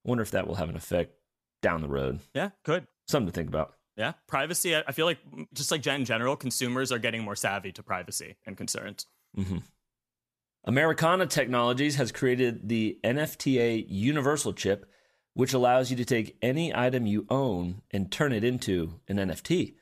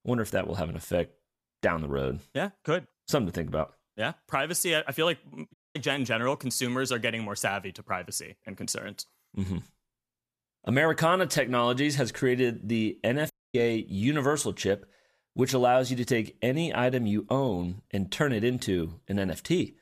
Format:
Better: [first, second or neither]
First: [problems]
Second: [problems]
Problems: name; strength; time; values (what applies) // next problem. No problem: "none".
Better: first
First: none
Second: audio cutting out; at 5.5 s and at 13 s